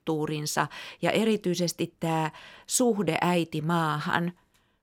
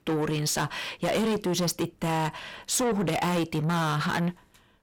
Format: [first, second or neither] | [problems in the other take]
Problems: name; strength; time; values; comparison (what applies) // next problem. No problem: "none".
first | distortion; heavy; 6 dB below the speech